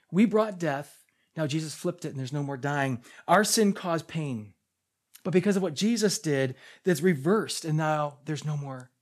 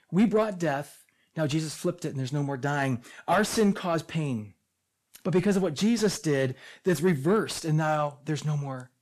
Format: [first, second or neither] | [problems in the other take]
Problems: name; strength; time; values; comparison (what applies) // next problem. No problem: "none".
first | distortion; slight; 10 dB below the speech